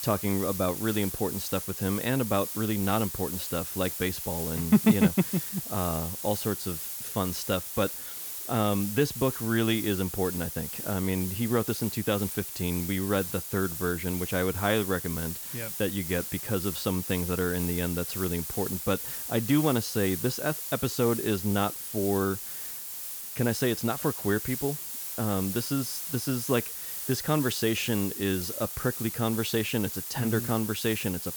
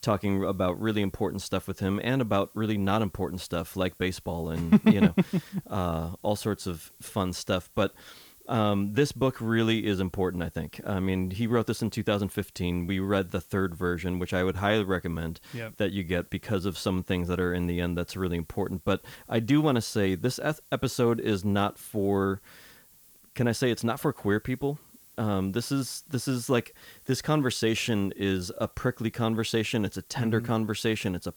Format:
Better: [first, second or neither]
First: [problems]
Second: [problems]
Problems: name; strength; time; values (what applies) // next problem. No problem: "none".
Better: second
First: hiss; loud; throughout; 5 dB below the speech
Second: hiss; faint; throughout; 25 dB below the speech